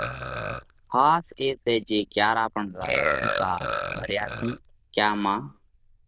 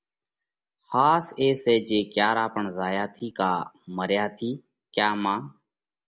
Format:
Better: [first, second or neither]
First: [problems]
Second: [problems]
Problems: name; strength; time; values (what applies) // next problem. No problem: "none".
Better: second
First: noise reduction (neural diffusion model UNIVERSE++)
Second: none